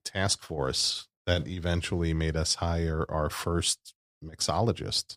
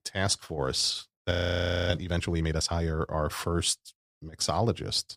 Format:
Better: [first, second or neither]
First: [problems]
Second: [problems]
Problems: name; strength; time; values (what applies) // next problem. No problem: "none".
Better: first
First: none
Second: audio freezing; at 1.5 s for 0.5 s